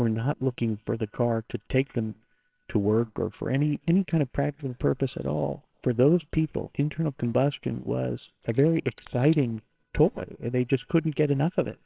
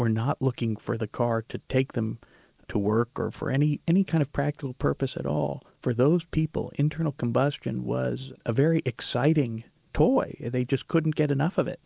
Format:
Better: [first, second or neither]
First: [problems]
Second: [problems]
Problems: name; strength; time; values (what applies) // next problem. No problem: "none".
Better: second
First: noise reduction (neural separator model SepFormer WHAMR!)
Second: none